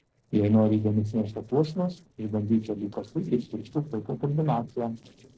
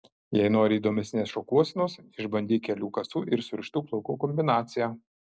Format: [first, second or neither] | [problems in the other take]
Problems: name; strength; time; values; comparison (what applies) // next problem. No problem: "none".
second | noise reduction (neural separator model SepFormer DNS4)